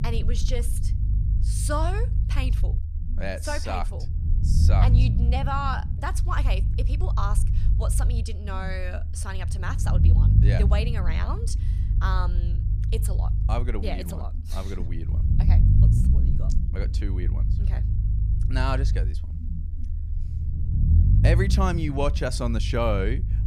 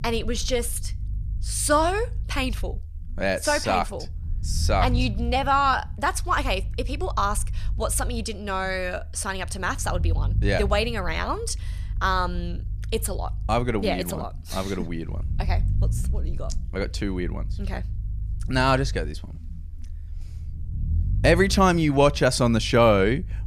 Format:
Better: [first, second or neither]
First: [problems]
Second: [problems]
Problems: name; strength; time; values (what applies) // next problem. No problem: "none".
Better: second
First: low rumble; loud; throughout; 9 dB below the speech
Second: low rumble; faint; throughout; 25 dB below the speech